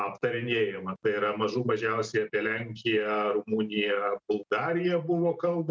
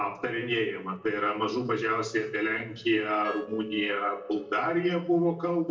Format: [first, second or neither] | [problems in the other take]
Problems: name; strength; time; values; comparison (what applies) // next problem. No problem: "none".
first | noise reduction (neural separator model SepFormer DNS4)